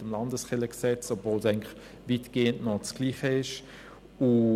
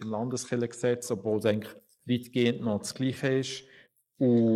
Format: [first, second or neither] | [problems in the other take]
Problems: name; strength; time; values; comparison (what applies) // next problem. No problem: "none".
first | noise reduction (neural mask model Resemble Enhance denoiser)